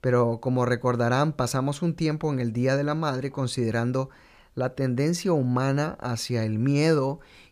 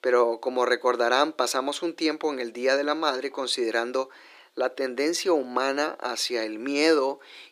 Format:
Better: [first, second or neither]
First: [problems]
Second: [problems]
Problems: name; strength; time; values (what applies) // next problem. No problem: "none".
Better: first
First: none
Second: thin; somewhat; fading below 300 Hz